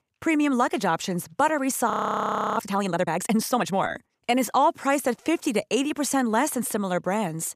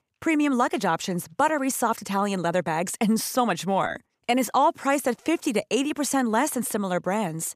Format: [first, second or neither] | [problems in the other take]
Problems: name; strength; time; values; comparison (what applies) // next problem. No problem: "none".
second | audio freezing; at 2 s for 0.5 s